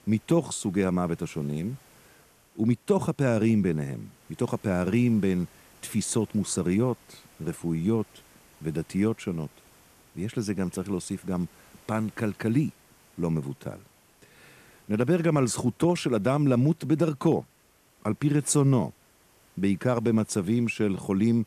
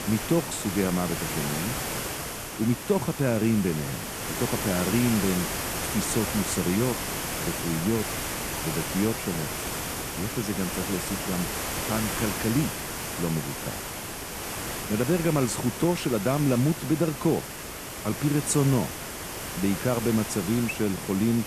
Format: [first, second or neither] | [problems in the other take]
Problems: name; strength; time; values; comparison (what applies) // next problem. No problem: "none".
first | hiss; loud; throughout; 4 dB below the speech; faint in the first